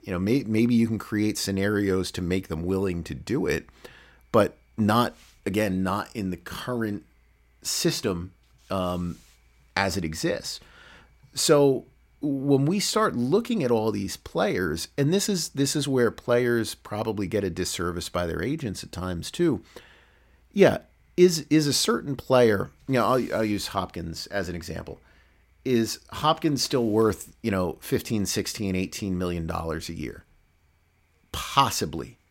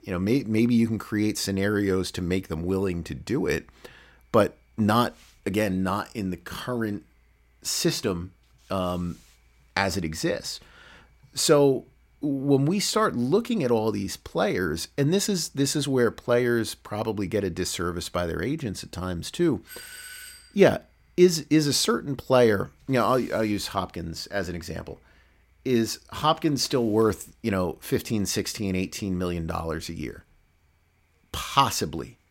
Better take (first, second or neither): first